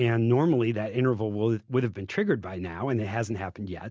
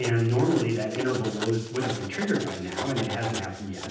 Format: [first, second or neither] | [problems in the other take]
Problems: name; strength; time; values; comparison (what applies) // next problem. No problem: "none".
first | background sound (Writing); 9 dB below the speech // room echo; dies away in 0.9 s